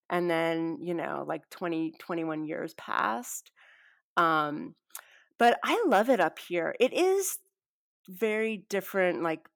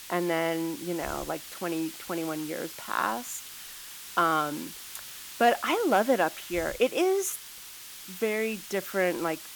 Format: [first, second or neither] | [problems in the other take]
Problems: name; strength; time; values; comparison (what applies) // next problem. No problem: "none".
first | hiss; noticeable; throughout; 10 dB below the speech